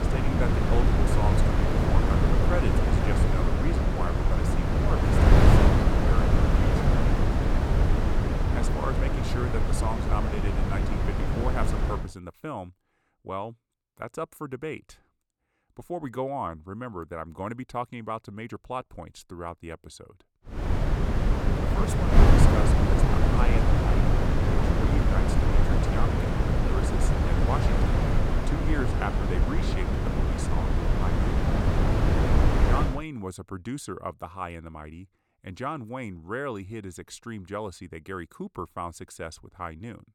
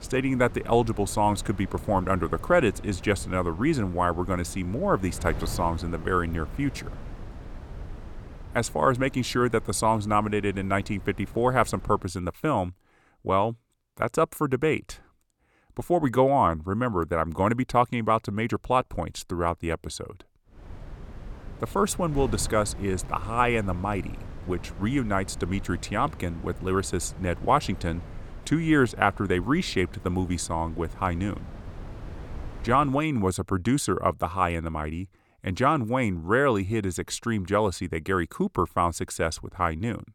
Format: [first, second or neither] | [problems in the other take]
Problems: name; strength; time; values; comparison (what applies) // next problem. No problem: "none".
second | wind noise on the microphone; heavy; until 12 s and from 21 to 33 s; 5 dB above the speech; occasional gusts in the second